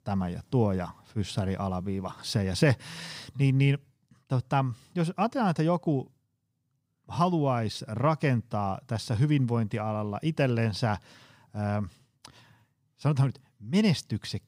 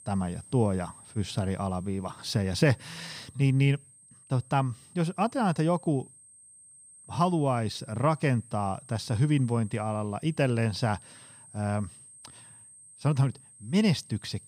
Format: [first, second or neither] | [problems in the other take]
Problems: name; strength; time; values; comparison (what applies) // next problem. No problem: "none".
first | high-pitched whine; faint; throughout; 8.5 kHz, 20 dB below the speech